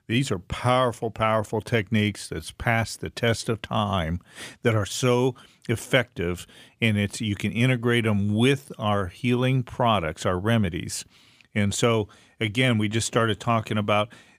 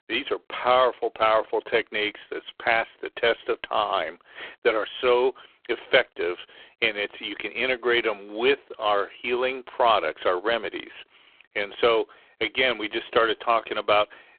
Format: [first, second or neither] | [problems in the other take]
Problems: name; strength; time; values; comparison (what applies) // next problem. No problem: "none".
first | phone-call audio; poor line